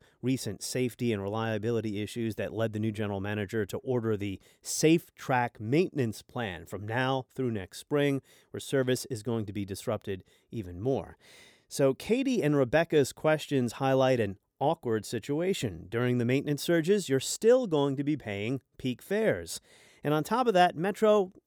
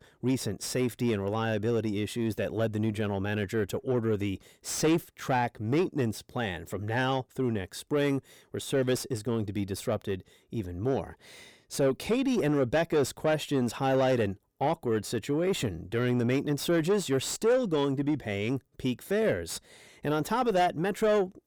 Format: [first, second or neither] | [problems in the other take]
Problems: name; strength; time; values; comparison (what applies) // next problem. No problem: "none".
first | distortion; slight; 10 dB below the speech